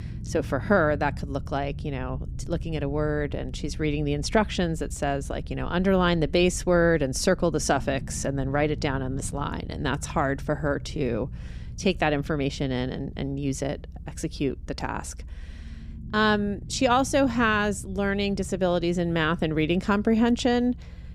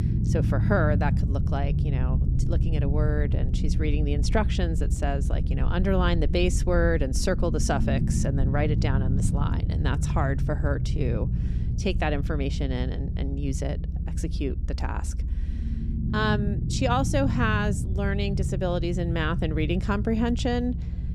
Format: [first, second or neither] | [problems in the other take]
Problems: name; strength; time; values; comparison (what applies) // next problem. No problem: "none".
first | low rumble; loud; throughout; 10 dB below the speech; faint in the first